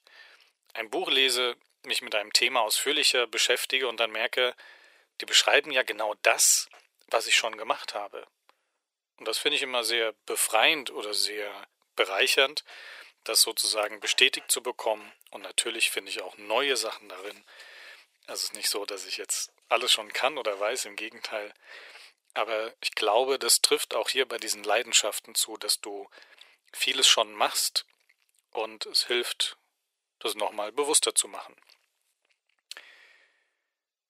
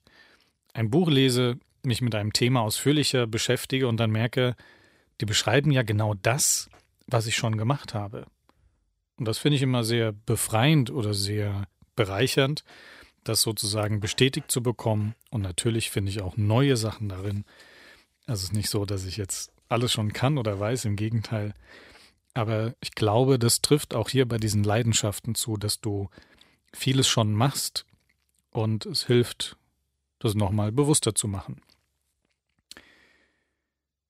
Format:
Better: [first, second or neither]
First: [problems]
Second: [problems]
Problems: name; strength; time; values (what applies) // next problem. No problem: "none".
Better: second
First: thin; very; fading below 450 Hz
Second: none